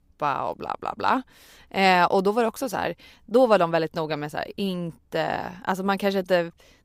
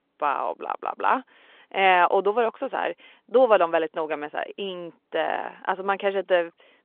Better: first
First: none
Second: phone-call audio

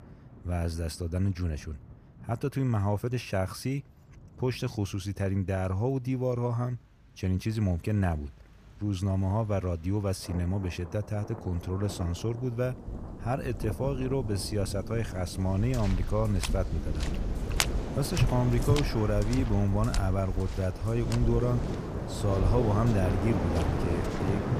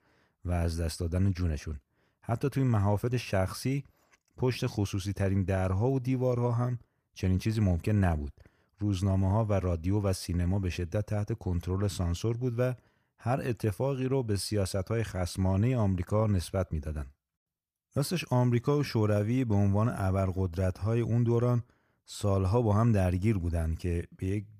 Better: second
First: rain or running water; loud; throughout; 3 dB below the speech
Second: none

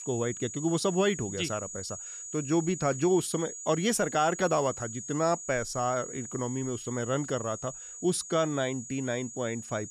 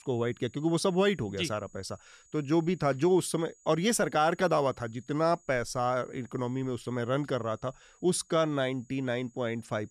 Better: second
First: high-pitched whine; loud; throughout; 7 kHz, 9 dB below the speech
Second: high-pitched whine; faint; throughout; 7 kHz, 30 dB below the speech

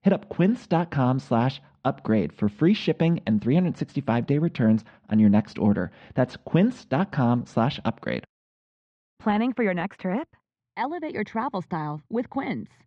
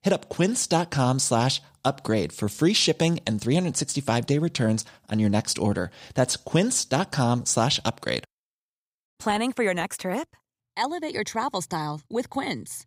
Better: second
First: muffled; very; fading above 2.5 kHz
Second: none

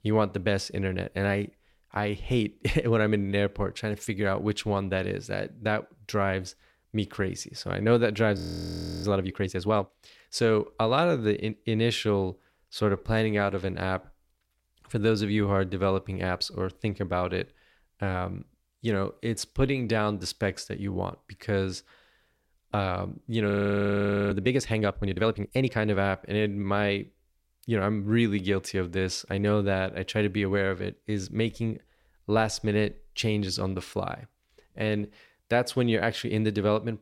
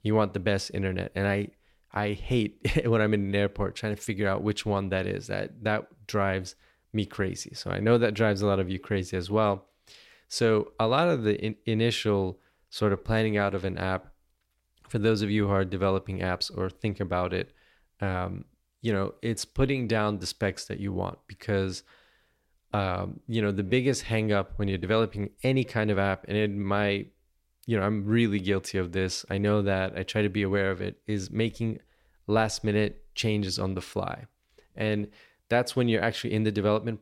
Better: second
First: audio freezing; at 8.5 s for 0.5 s and at 23 s for 1 s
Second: none

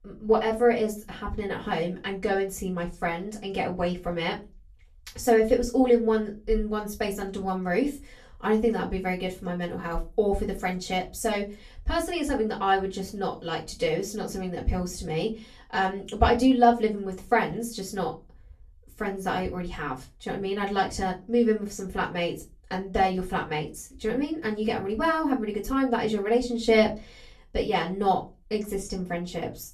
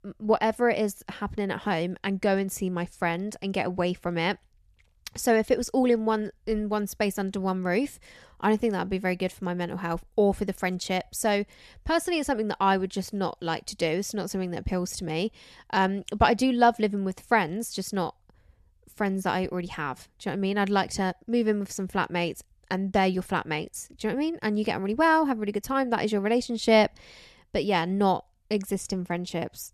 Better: second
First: off-mic speech; far // room echo; very slight; dies away in 0.2 s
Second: none

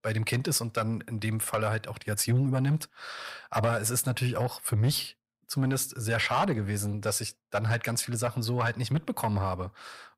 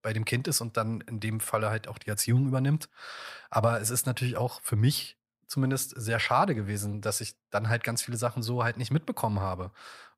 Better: second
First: distortion; slight; 10 dB below the speech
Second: none

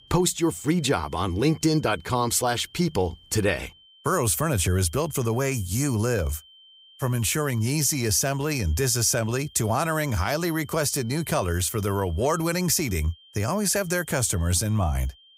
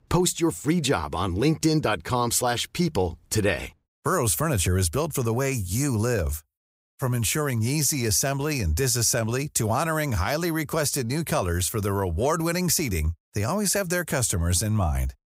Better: second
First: high-pitched whine; faint; throughout; 3 kHz, 25 dB below the speech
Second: none

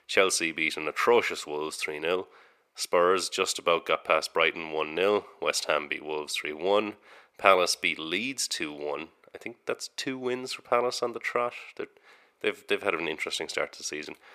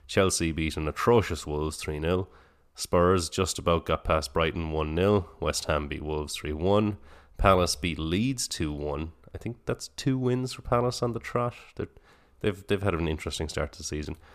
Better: second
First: thin; somewhat; fading below 450 Hz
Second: none

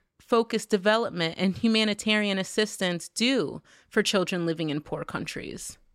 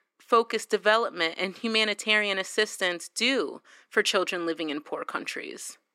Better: first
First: none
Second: thin; somewhat; fading below 300 Hz

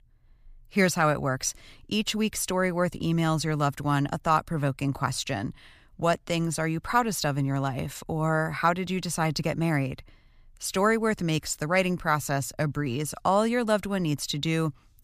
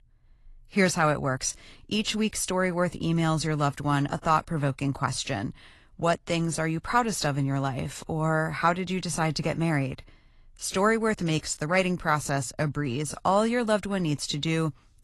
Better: first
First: none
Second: garbled, watery; slightly; nothing above 11.5 kHz

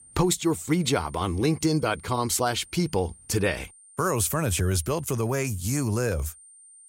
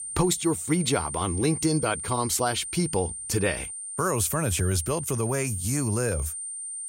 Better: first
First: high-pitched whine; faint; throughout; 9 kHz, 20 dB below the speech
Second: high-pitched whine; loud; throughout; 9 kHz, 6 dB below the speech

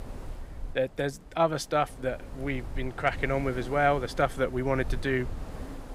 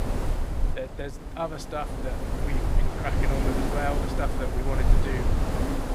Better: first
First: wind noise on the microphone; occasional gusts; 20 dB below the speech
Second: wind noise on the microphone; heavy; as loud as the speech

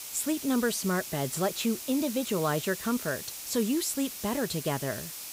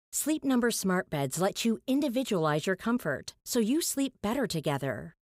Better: second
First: hiss; loud; throughout; 7 dB below the speech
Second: none

